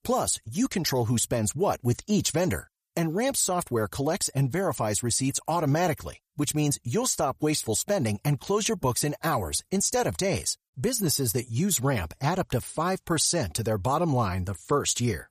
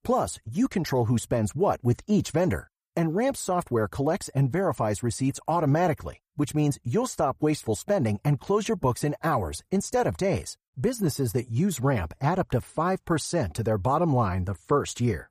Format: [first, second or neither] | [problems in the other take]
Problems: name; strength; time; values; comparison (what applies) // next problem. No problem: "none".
first | muffled; slightly; fading above 2.5 kHz